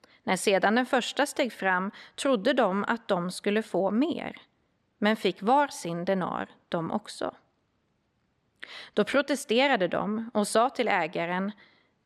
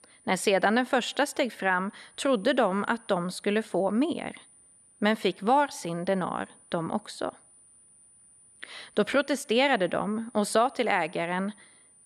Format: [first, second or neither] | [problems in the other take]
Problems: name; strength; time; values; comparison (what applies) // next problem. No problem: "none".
first | high-pitched whine; faint; throughout; 9.5 kHz, 25 dB below the speech